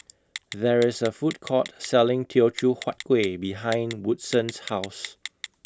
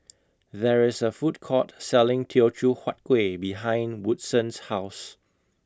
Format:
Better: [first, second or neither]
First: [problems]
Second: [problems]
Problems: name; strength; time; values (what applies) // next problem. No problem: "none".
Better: second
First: background sound (Telephone); 16 dB below the speech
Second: none